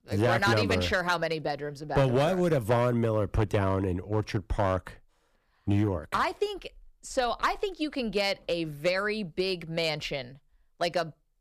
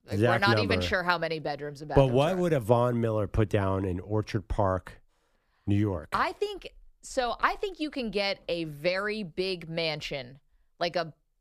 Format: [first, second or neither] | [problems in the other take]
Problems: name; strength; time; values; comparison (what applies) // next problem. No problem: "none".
second | distortion; slight; 3% of the sound clipped